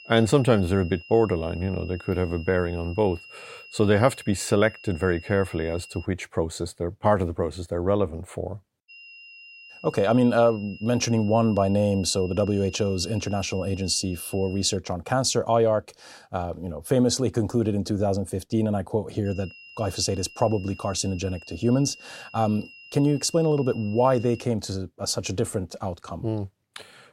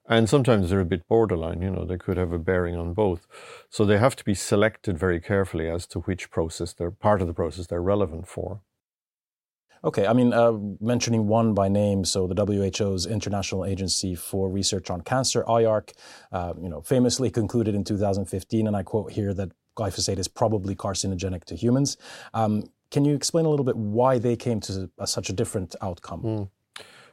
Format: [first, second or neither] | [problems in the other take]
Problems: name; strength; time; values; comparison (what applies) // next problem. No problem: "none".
second | high-pitched whine; noticeable; until 6 s, from 9 to 15 s and from 19 to 24 s; 3 kHz, 20 dB below the speech